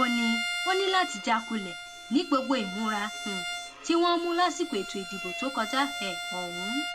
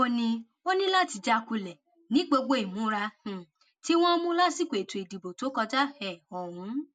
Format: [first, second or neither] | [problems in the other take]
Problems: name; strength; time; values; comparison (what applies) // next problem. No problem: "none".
second | background sound (Bowed string instrument); 6 dB below the speech